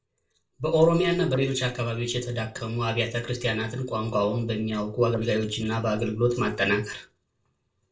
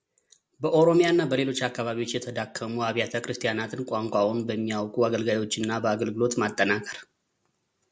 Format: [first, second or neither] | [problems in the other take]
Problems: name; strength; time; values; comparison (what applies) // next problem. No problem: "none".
second | noise reduction (neural separator model SepFormer DNS4)